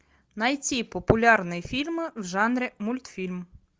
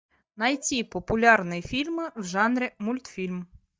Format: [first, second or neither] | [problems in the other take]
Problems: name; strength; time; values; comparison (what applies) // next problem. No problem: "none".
first | noise reduction (neural mask model DeepFilterNet 3)